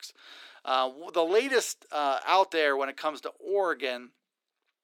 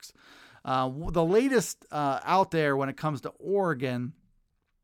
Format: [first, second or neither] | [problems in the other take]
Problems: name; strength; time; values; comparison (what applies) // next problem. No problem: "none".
second | thin; somewhat; fading below 350 Hz